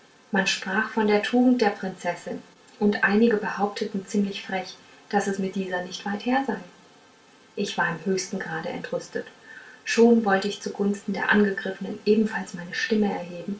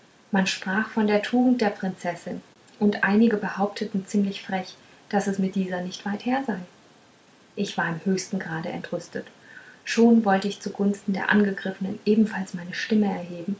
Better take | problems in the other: second | room echo; dies away in 0.2 s

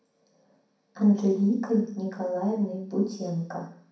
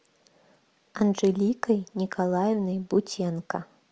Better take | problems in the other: second | room echo; dies away in 0.6 s

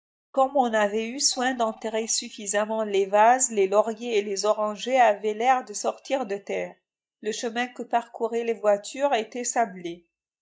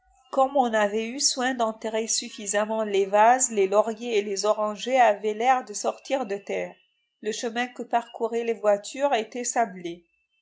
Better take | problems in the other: second | noise reduction (neural mask model DeepFilterNet 3)

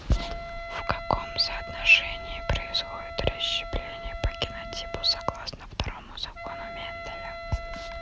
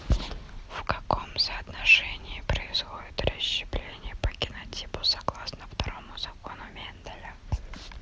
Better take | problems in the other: second | background sound (Wind instrument, woodwind instrument); 10 dB below the speech

